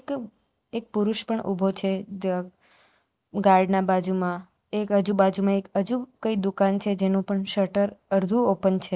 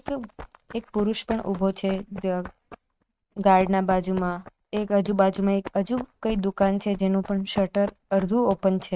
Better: first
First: none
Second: noise reduction (neural mask model RNNoise)

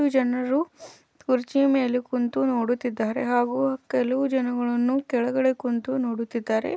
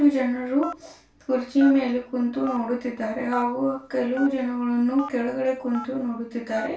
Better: first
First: none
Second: background sound (Telephone); 17 dB below the speech // room echo; dies away in 0.3 s

